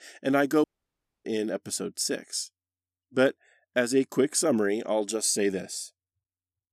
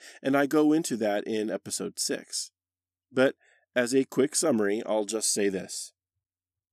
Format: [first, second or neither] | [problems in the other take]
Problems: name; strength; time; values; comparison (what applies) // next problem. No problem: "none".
second | audio cutting out; at 0.5 s for 0.5 s